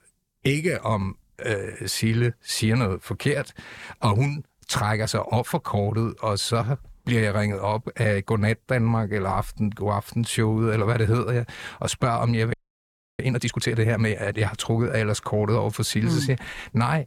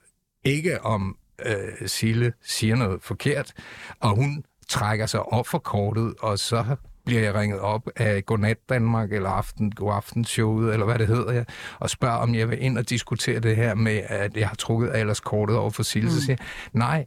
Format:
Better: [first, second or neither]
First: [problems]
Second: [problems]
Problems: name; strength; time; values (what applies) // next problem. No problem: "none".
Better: second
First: audio freezing; at 13 s for 0.5 s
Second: none